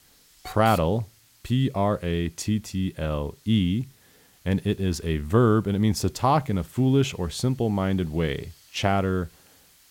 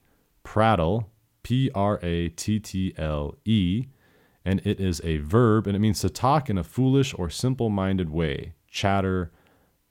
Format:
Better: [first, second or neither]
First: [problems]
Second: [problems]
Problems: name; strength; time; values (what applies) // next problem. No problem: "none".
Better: second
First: hiss; faint; throughout; 25 dB below the speech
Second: none